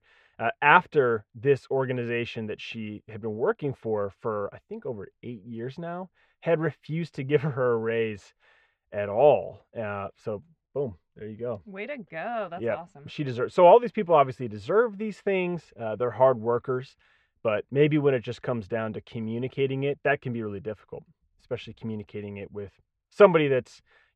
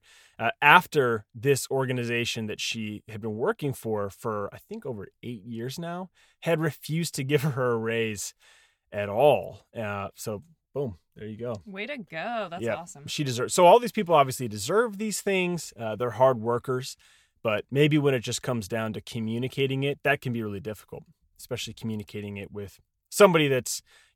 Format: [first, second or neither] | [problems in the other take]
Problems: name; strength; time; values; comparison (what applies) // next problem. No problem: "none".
second | muffled; very; fading above 2 kHz